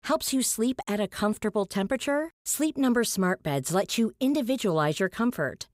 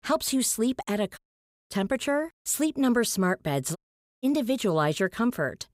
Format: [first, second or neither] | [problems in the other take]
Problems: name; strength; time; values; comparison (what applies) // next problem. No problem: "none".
first | audio cutting out; at 1 s for 0.5 s and at 4 s